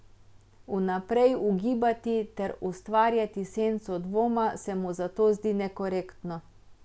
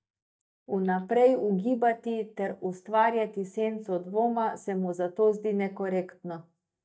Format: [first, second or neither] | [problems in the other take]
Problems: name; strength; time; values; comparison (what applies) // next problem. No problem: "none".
first | noise reduction (neural mask model DeepFilterNet 3)